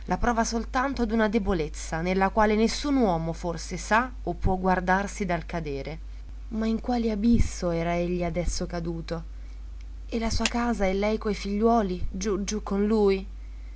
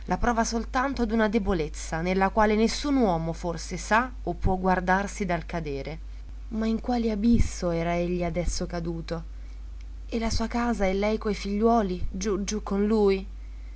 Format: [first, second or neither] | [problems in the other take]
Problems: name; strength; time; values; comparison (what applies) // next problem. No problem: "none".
second | background sound (Clapping); 13 dB below the speech